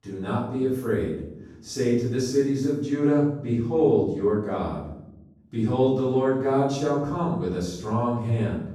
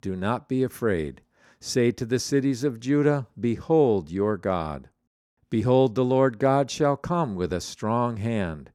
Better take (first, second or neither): second